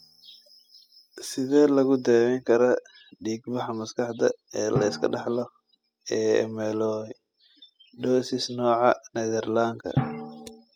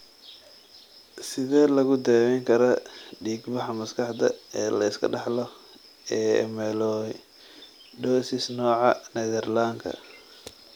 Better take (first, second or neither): second